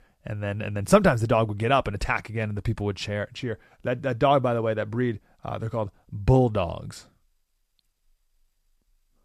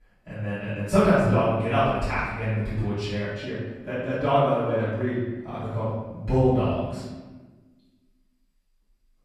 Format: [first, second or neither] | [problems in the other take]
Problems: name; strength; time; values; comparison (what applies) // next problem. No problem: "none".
first | off-mic speech; far // room echo; strong; dies away in 1.2 s